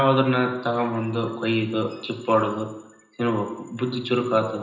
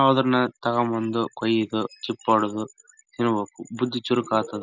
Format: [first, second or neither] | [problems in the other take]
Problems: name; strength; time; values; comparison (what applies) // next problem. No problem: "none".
second | room echo; dies away in 0.9 s